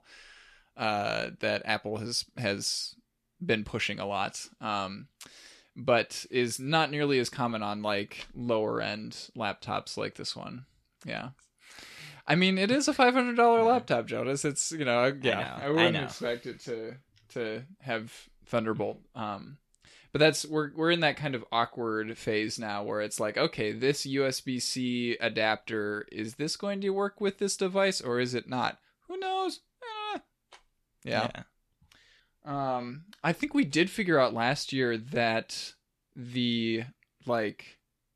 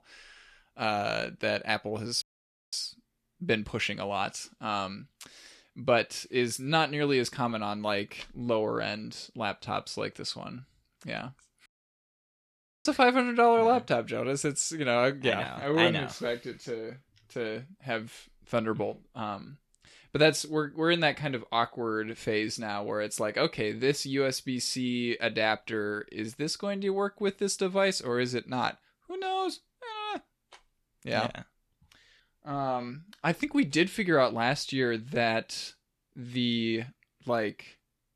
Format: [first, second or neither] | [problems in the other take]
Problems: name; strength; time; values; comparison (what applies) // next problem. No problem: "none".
first | audio cutting out; at 2 s for 0.5 s and at 12 s for 1 s